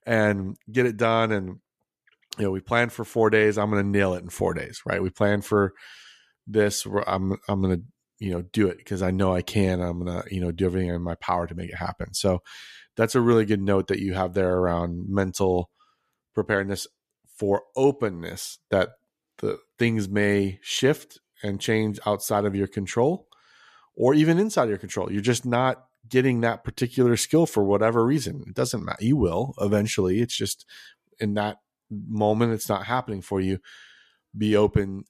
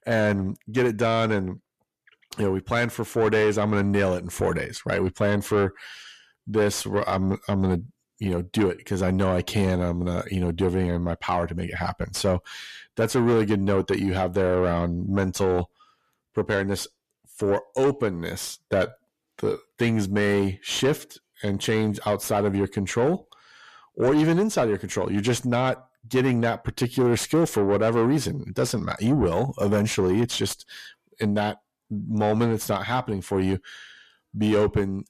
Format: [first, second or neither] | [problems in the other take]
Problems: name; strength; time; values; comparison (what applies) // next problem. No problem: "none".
first | distortion; slight; 10 dB below the speech